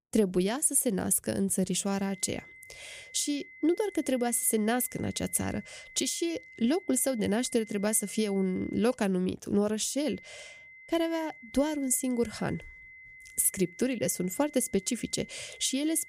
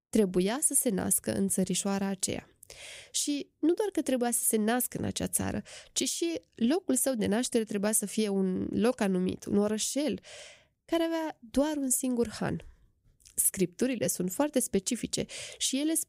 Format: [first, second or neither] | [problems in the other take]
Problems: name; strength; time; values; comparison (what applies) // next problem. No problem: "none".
second | high-pitched whine; noticeable; from 2 to 9 s and from 10 s on; 2 kHz, 20 dB below the speech